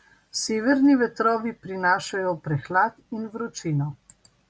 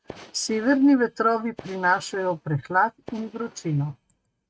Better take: first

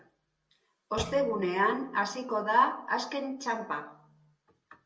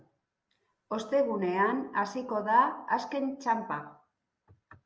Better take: second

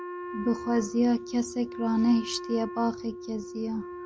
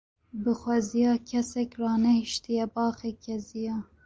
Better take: second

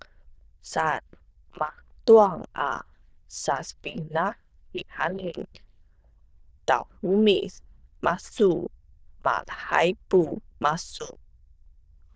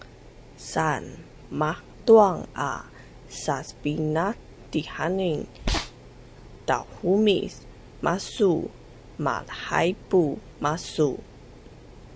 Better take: second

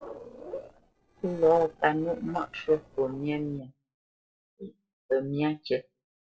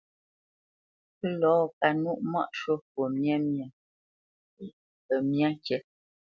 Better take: second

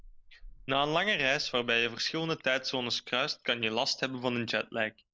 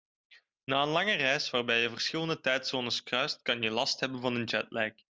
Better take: second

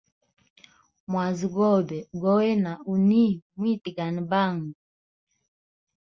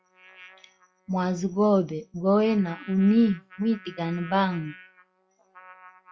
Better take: first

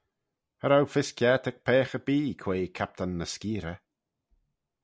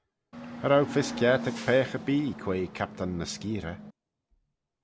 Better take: first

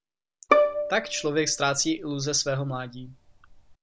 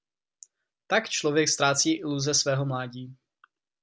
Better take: second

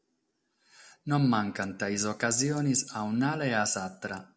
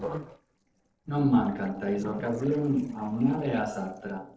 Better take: first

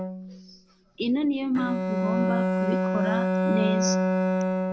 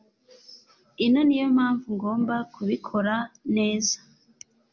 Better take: second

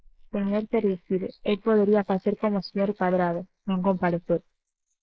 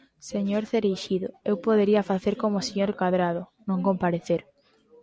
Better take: second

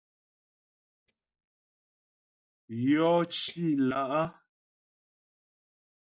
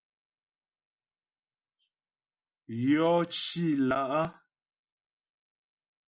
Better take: second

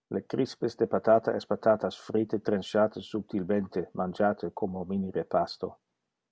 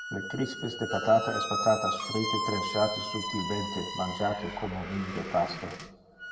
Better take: first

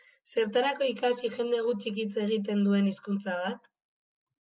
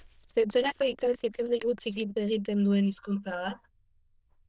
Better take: first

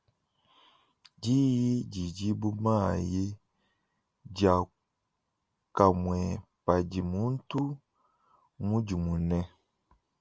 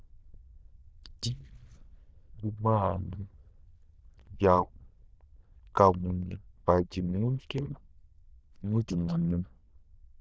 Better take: first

